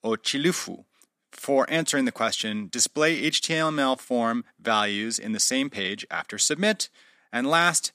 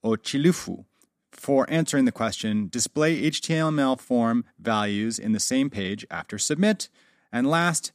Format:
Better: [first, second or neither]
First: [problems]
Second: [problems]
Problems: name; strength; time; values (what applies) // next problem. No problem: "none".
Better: second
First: thin; very slightly; fading below 550 Hz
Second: none